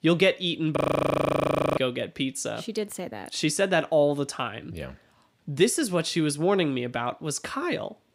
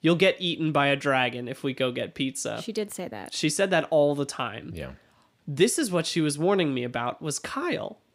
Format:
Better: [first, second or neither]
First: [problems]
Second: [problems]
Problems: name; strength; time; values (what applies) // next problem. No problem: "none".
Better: second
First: audio freezing; at 1 s for 1 s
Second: none